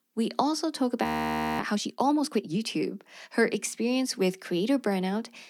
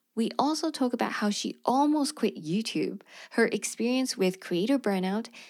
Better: second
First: audio freezing; at 1 s for 0.5 s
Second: none

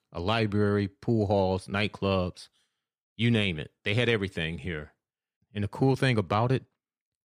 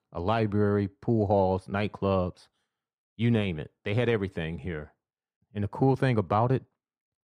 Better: first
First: none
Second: muffled; slightly; fading above 2 kHz

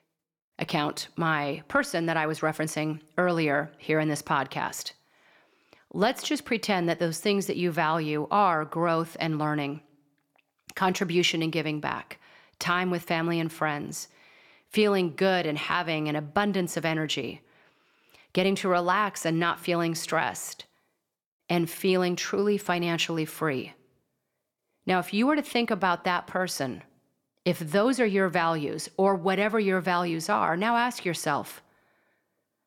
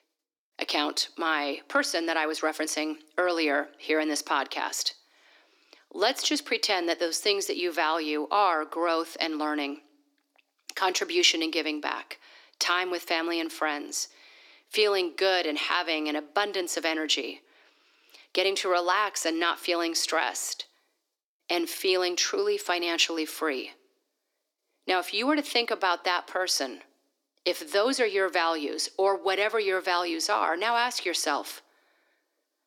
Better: first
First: none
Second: thin; somewhat; fading below 300 Hz

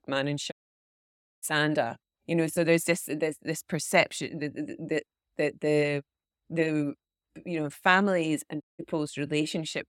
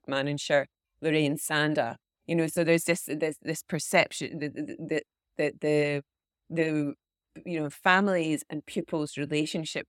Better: second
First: audio cutting out; at 0.5 s for 1 s and at 8.5 s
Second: none

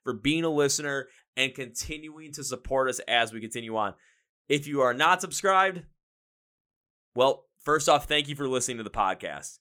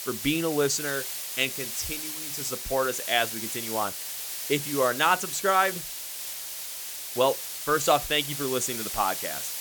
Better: first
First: none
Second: hiss; loud; throughout; 5 dB below the speech

